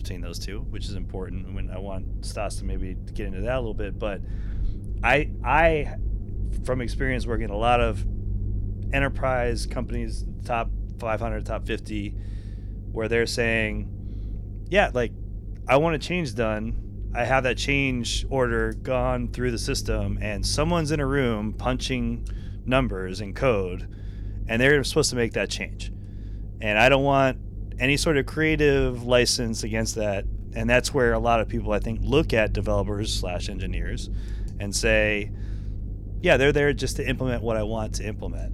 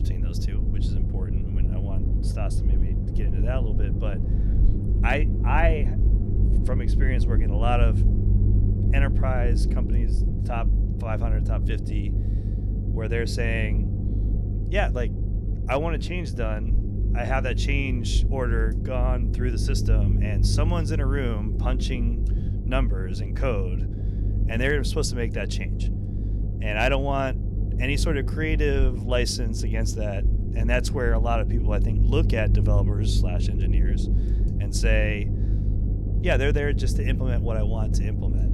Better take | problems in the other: first | low rumble; loud; throughout; 10 dB below the speech; faint in the first

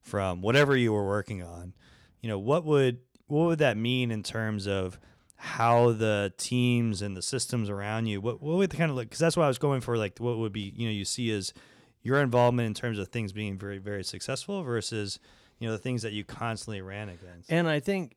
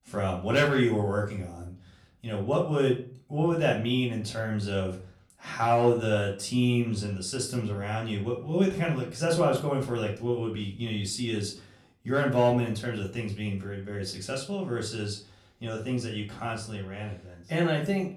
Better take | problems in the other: first | off-mic speech; far // room echo; slight; dies away in 0.3 s

